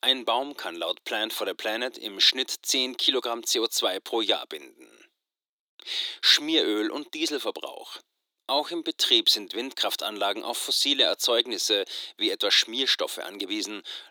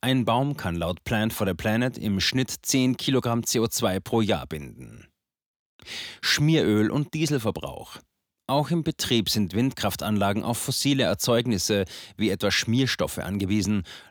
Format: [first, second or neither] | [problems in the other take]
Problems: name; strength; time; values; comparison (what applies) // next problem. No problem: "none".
second | thin; very; fading below 300 Hz